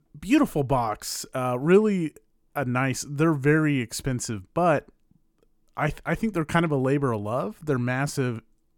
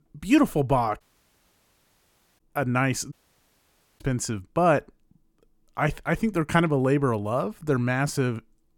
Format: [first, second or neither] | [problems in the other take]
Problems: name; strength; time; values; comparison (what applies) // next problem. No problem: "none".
first | audio cutting out; at 1 s for 1.5 s and at 3 s for 1 s